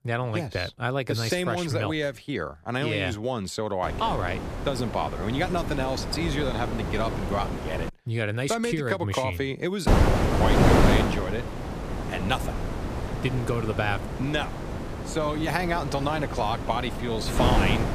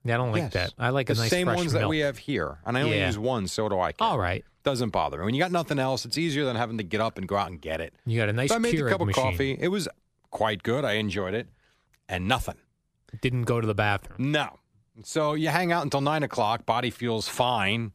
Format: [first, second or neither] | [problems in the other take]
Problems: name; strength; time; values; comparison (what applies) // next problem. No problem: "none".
second | wind noise on the microphone; heavy; from 4 to 8 s and from 10 s on; 2 dB below the speech